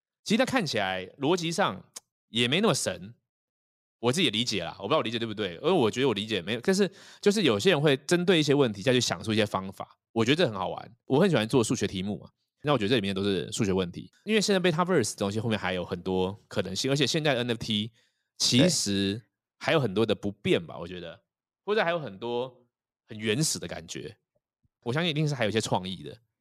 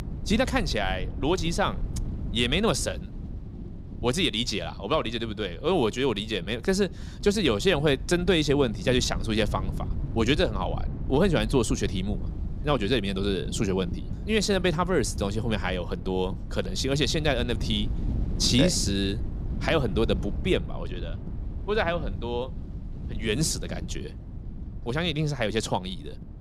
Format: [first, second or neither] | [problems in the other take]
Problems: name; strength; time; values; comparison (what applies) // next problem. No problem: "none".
first | wind noise on the microphone; occasional gusts; 20 dB below the speech